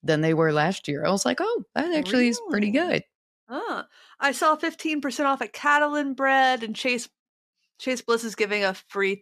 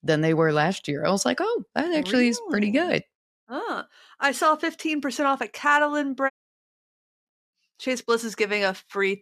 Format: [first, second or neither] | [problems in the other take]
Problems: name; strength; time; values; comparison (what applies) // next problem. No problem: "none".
first | audio cutting out; at 6.5 s for 1 s